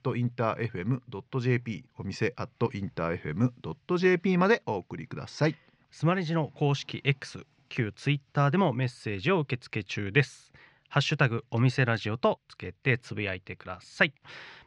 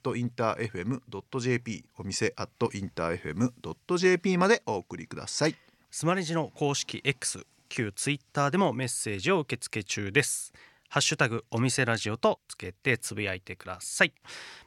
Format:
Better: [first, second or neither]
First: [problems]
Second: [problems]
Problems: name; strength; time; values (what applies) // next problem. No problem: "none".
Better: second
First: muffled; slightly; fading above 4 kHz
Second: none